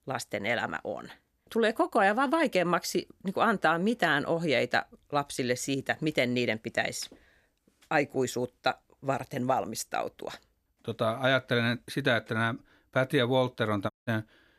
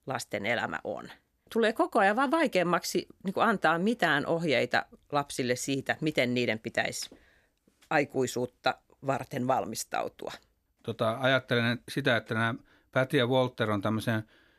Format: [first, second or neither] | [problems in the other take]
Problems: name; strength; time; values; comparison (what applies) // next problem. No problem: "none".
second | audio cutting out; at 14 s